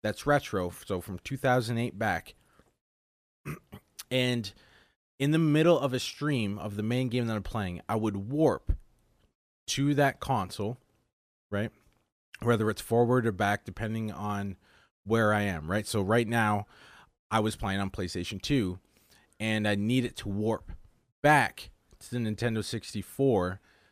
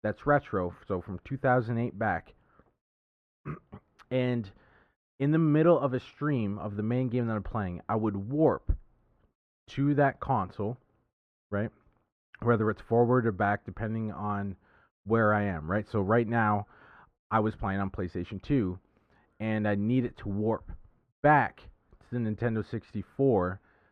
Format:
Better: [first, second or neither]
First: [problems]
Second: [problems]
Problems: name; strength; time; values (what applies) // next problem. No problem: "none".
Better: first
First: none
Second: muffled; very; fading above 4 kHz